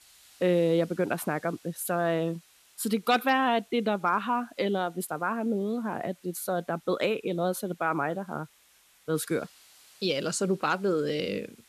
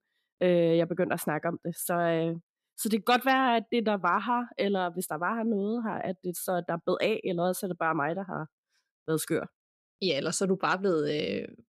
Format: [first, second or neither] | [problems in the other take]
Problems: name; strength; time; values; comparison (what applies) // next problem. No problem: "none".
second | hiss; faint; throughout; 30 dB below the speech